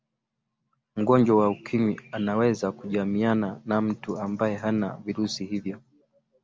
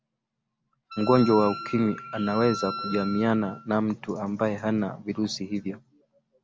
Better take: first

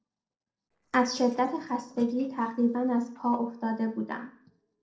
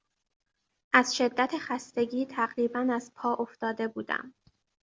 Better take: second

